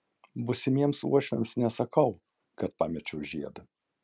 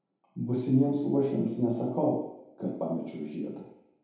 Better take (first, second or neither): first